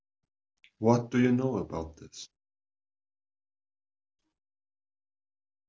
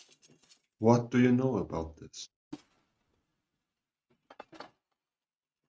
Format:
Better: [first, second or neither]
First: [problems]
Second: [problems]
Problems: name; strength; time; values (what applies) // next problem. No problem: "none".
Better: first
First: none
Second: noise reduction (neural mask model RNNoise)